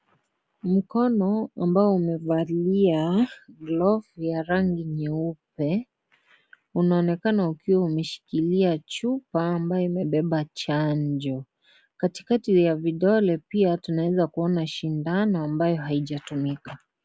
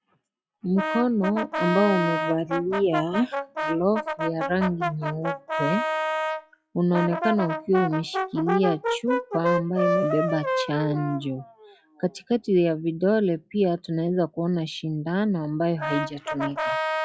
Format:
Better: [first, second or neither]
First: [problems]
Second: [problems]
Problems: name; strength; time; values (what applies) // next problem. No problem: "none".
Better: first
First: none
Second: noise reduction (classical method log-MMSE)